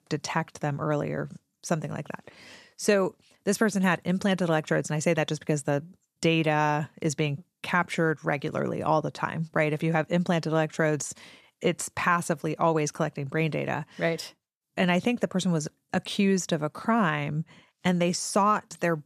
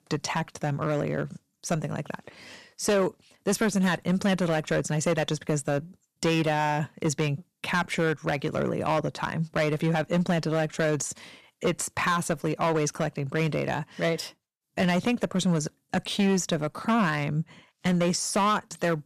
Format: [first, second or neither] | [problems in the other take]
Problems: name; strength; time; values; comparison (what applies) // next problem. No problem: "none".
first | distortion; slight; 7% of the sound clipped